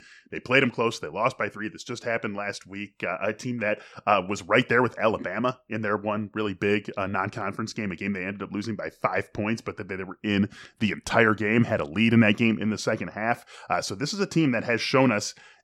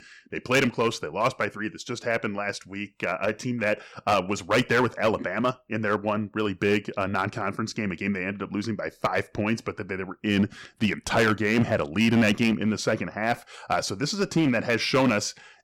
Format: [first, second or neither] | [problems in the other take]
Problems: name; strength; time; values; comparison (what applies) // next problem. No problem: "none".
first | distortion; slight; 4% of the sound clipped